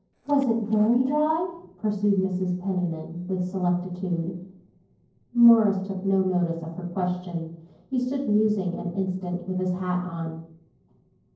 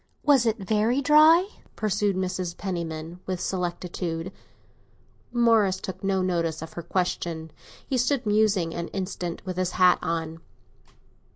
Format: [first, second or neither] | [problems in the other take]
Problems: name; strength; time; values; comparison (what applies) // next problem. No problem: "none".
second | noise reduction (neural separator model SepFormer DNS4)